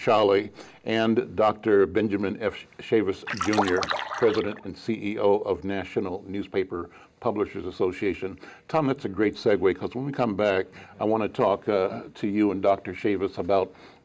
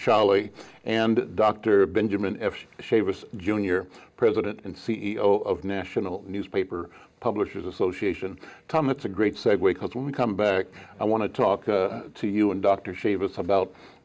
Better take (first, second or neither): second